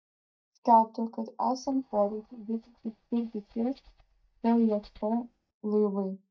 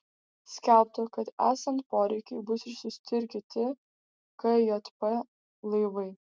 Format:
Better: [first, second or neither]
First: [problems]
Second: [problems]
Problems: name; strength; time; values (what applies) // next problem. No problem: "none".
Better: second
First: noise reduction (neural mask model DeepFilterNet 3)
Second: none